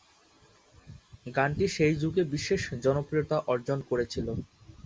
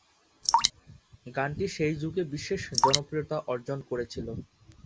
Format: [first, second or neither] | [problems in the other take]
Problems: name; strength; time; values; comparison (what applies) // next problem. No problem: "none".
first | background sound (Drip); 1 dB above the speech